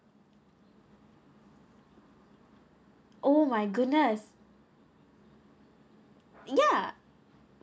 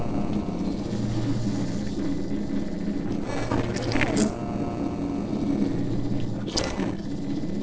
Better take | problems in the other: first | noise reduction (neural separator model SepFormer DNS4)

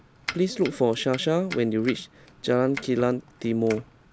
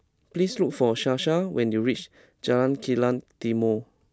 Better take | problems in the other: second | background sound (Domestic sounds, home sounds); 16 dB below the speech

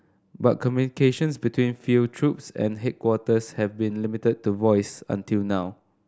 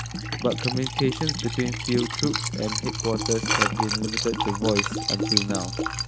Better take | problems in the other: first | background sound (Liquid); 1 dB above the speech

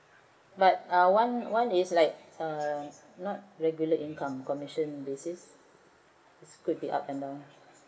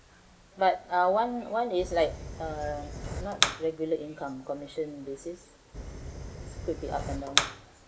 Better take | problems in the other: first | background sound (Fire); 5 dB below the speech

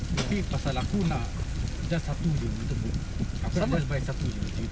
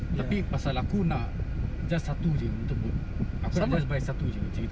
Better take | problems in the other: second | background sound (Rain + Shatter / Crushing); 16 dB below the speech

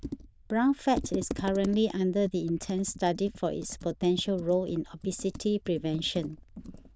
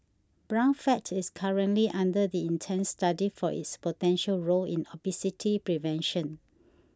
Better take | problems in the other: second | noise reduction (neural diffusion model UNIVERSE++)

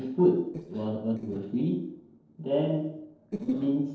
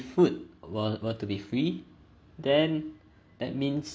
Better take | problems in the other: second | noise reduction (neural separator model SepFormer DNS4)

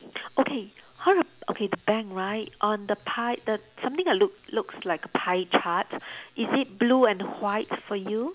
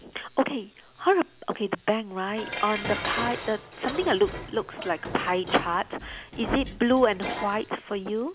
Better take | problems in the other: first | background sound (Dishes, pots, and pans); 10 dB below the speech

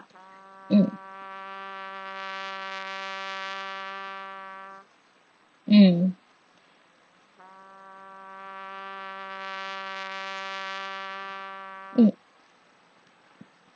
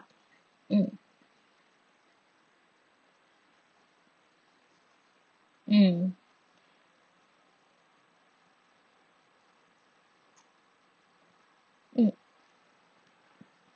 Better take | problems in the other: second | background sound (Trumpet); 10 dB below the speech

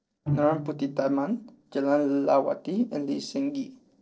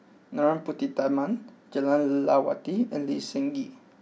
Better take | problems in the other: second | noise reduction (neural separator model SepFormer DNS4)

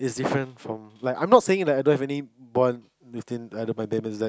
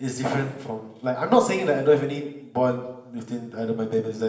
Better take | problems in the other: first | room echo; dies away in 0.9 s

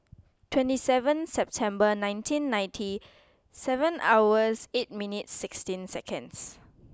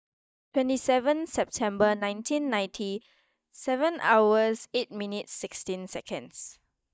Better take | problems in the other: first | noise reduction (neural mask model DeepFilterNet 3)

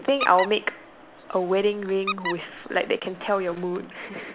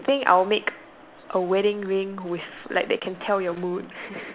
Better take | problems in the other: second | background sound (Squeak); 11 dB below the speech

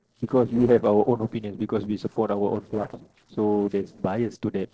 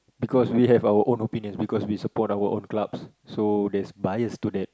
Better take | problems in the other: second | noise reduction (neural separator model SepFormer DNS4)

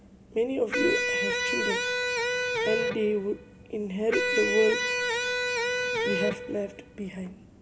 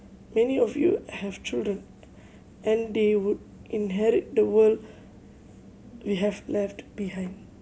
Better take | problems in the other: second | background sound (Electric guitar); 2 dB above the speech

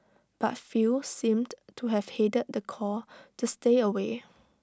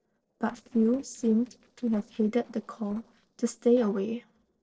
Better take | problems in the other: first | noise reduction (neural separator model SepFormer DNS4)

